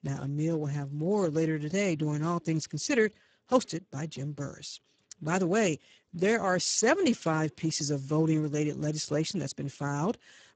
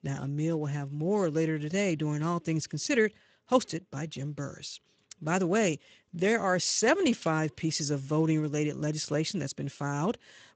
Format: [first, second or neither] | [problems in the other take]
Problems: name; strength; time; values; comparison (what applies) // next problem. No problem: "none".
second | garbled, watery; badly; nothing above 7.5 kHz; slightly in the second